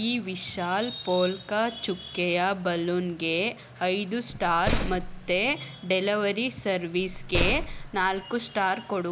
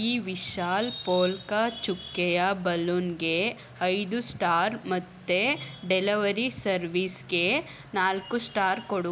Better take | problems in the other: second | background sound (Slam); 3 dB below the speech

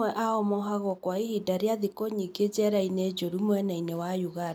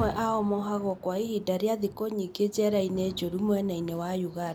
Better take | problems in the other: first | background sound (Rain); 15 dB below the speech

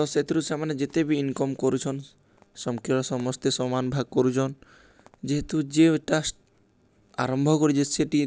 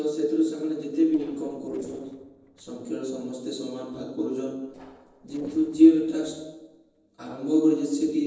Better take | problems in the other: first | noise reduction (neural separator model SepFormer DNS4)

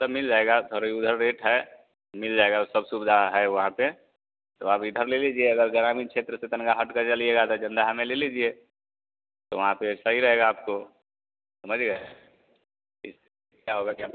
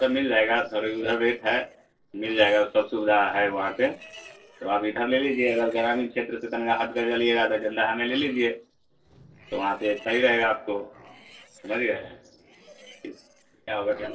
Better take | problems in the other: first | noise reduction (neural separator model SepFormer DNS4)

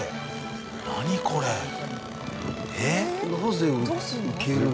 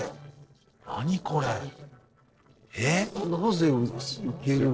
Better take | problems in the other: first | noise reduction (neural separator model SepFormer DNS4)

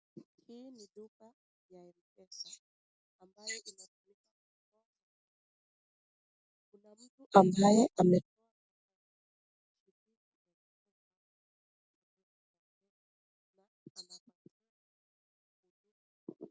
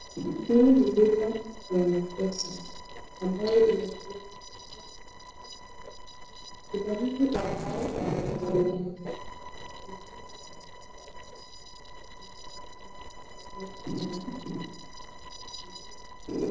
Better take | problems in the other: first | noise reduction (neural separator model SepFormer DNS4)

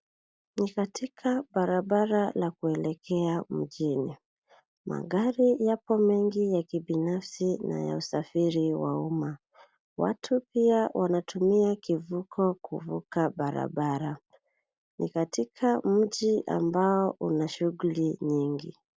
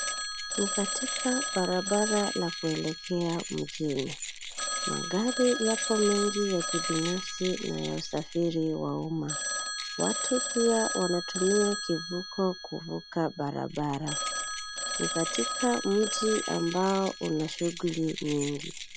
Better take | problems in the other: first | background sound (Keys jangling + Telephone); 4 dB below the speech

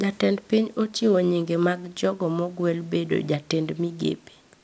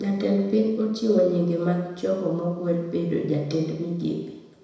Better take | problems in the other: first | room echo; dies away in 1 s

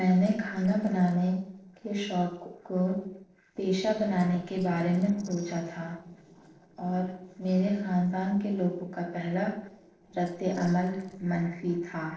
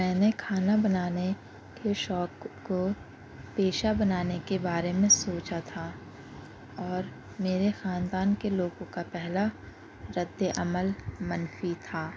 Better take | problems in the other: second | noise reduction (neural separator model SepFormer DNS4)

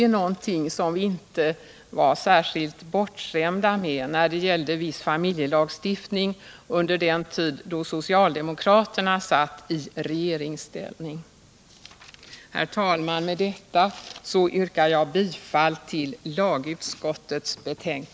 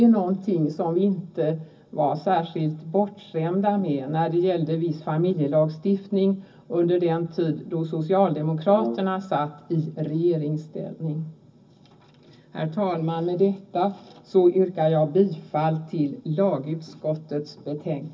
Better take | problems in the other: first | background sound (Brass instrument); 11 dB below the speech // room echo; dies away in 0.4 s

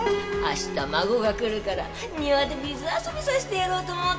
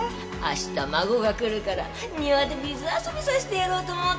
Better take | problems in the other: second | background sound (Piano); 8 dB below the speech

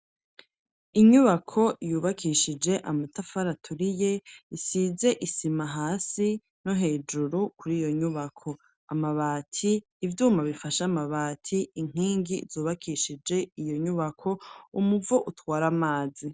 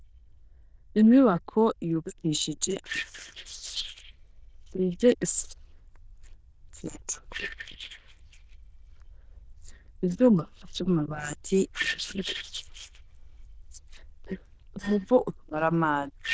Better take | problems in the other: first | noise reduction (neural diffusion model UNIVERSE++)

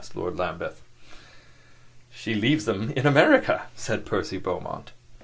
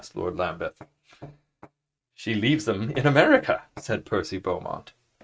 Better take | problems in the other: first | noise reduction (neural mask model RNNoise)

